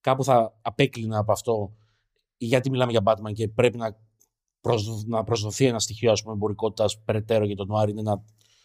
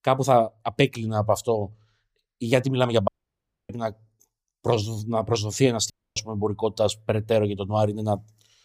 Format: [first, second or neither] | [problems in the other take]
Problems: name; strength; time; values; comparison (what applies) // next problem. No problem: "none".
first | audio cutting out; at 3 s for 0.5 s and at 6 s